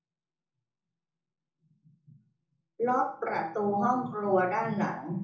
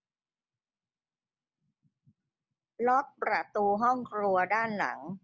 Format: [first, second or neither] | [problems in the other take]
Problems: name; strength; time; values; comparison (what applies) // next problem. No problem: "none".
second | room echo; dies away in 0.6 s